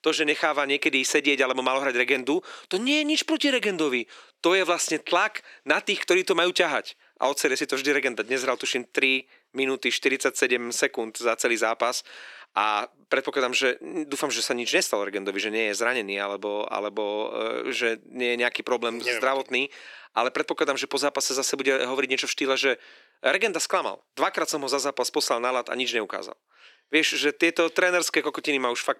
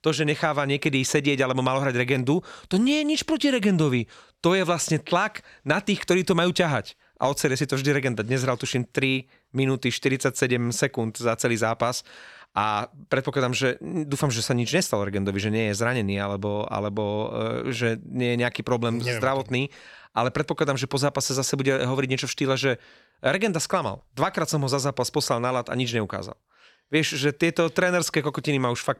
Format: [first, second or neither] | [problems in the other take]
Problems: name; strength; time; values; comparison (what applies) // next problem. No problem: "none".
second | thin; somewhat; fading below 300 Hz